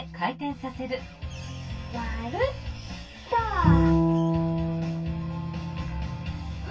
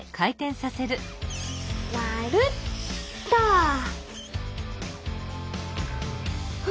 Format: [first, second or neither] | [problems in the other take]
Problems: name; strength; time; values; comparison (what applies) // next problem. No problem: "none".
second | background sound (Bowed string instrument); 3 dB above the speech // room echo; dies away in 0.1 s